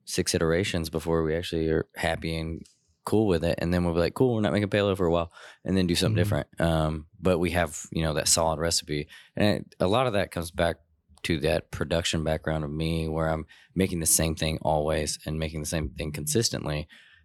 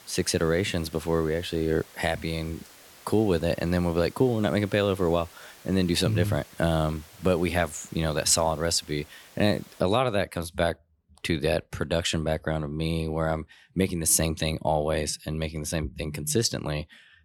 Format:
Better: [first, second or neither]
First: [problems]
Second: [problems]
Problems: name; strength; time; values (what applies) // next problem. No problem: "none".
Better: first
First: none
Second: hiss; faint; until 10 s; 20 dB below the speech